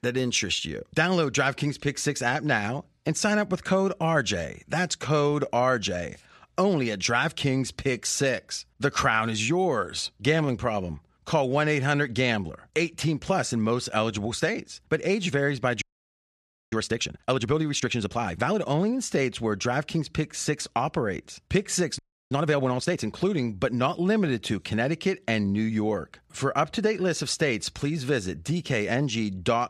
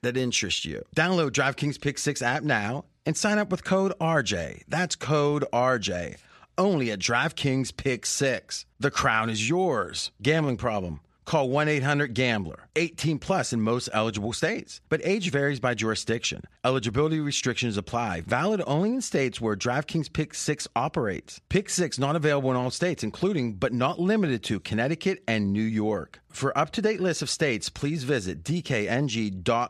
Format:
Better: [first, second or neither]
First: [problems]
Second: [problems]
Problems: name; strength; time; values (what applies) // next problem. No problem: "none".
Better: second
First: audio freezing; at 16 s for 1 s and at 22 s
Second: none